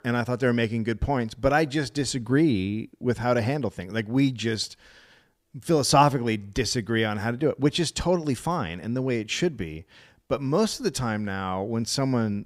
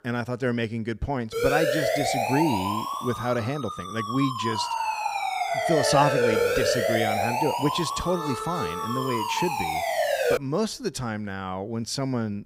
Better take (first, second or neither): first